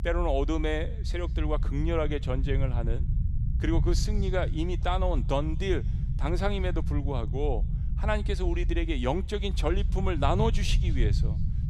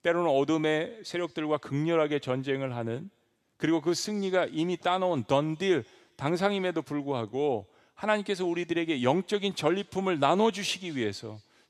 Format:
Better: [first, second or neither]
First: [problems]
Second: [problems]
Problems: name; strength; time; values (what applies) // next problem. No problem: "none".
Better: second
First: low rumble; noticeable; throughout; 15 dB below the speech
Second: none